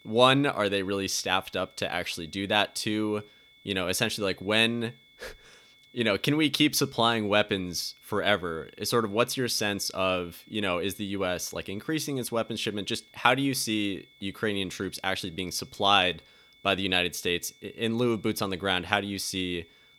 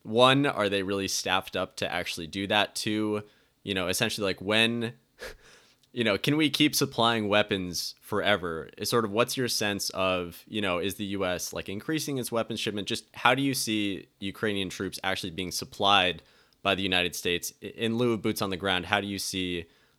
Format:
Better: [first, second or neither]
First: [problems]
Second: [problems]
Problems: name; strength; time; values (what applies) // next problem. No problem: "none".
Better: second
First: high-pitched whine; faint; throughout; 3.5 kHz, 30 dB below the speech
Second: none